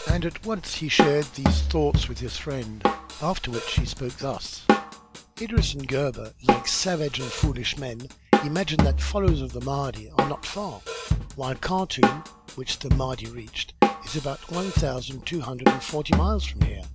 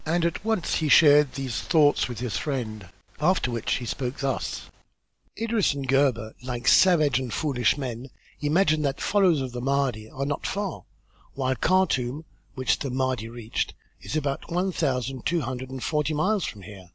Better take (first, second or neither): second